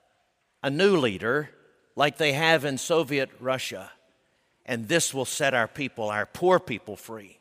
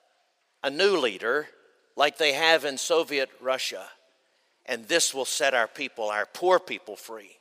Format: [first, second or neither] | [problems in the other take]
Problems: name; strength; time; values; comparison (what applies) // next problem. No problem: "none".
first | thin; somewhat; fading below 450 Hz